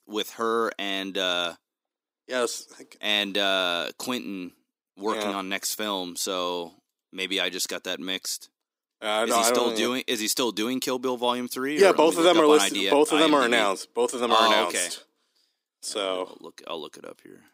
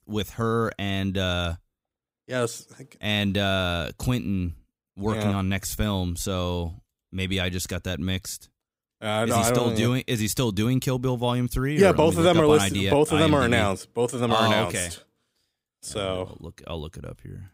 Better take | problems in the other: second | thin; somewhat; fading below 300 Hz

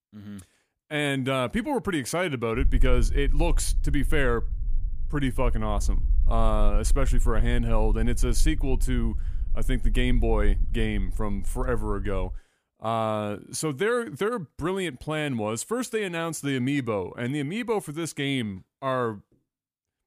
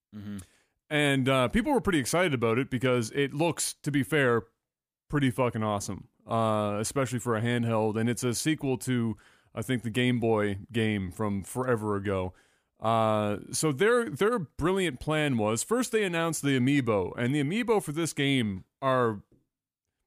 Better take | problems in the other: second | low rumble; faint; from 2.5 to 12 s; 25 dB below the speech

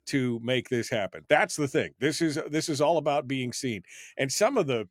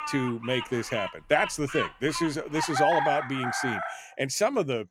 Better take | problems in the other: first | animal sounds; loud; throughout; 4 dB below the speech

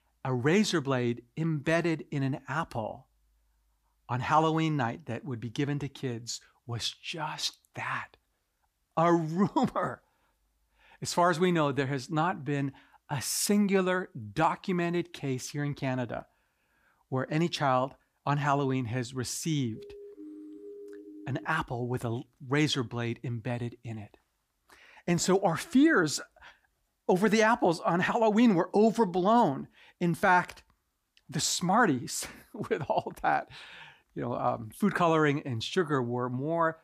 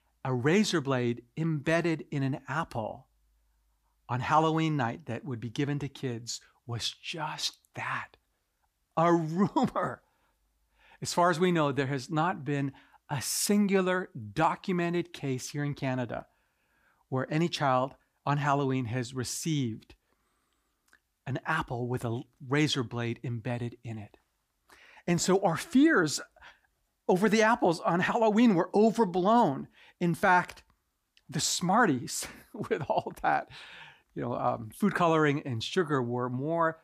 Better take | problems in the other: second | siren; faint; from 20 to 21 s; peak 15 dB below the speech

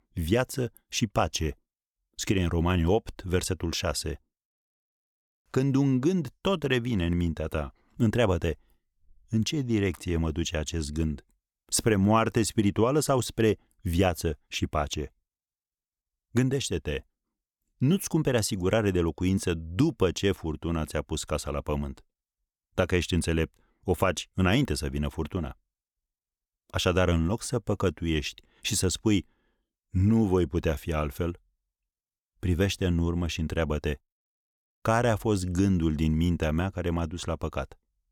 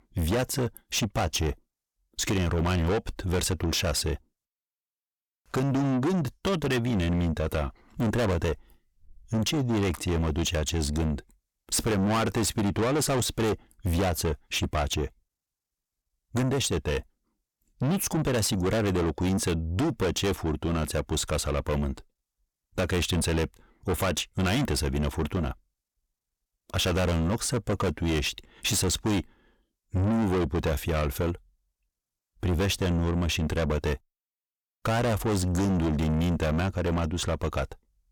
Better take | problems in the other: first | distortion; heavy; 6 dB below the speech

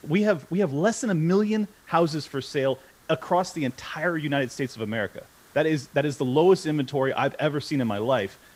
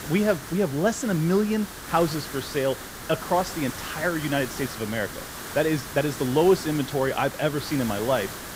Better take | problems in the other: first | hiss; loud; throughout; 10 dB below the speech; faint in the first

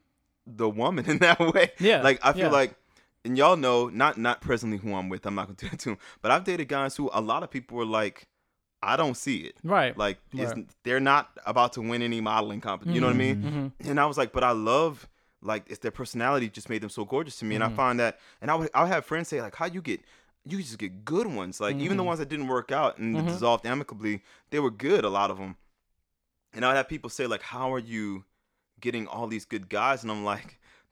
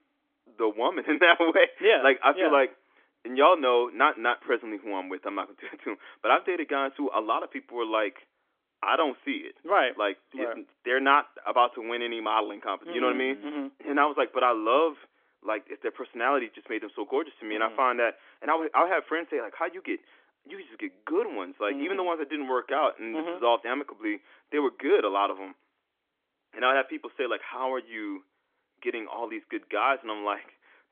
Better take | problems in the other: first | phone-call audio; nothing above 3.5 kHz

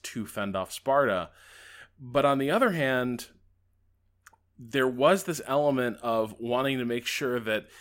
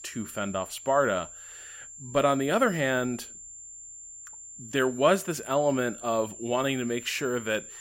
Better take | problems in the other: first | high-pitched whine; noticeable; throughout; 7.5 kHz, 15 dB below the speech

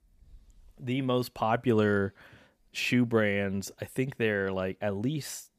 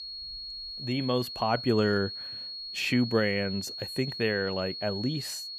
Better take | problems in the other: first | high-pitched whine; loud; throughout; 4.5 kHz, 7 dB below the speech

